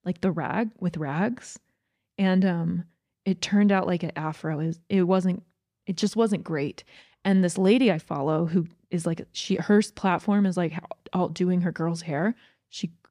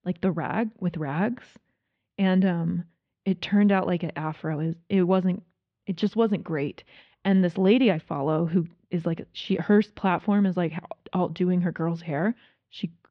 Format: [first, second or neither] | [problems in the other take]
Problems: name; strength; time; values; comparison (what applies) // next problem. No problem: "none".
first | muffled; slightly; fading above 3.5 kHz